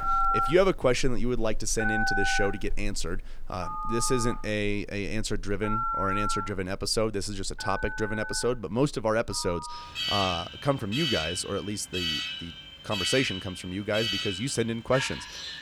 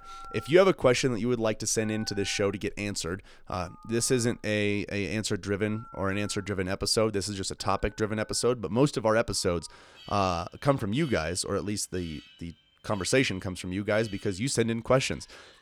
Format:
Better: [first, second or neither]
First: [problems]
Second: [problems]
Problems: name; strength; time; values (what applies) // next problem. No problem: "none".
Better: second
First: alarms or sirens; loud; throughout; 2 dB below the speech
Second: alarms or sirens; faint; throughout; 25 dB below the speech